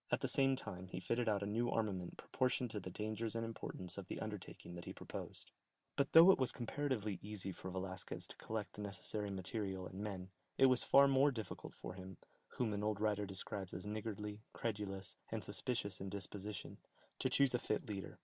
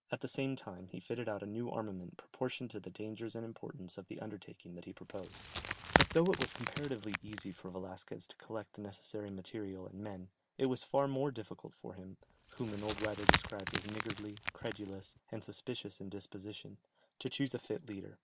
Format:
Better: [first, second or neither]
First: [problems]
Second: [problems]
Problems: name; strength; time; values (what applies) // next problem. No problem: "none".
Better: first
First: none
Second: background sound (Wood); 3 dB above the speech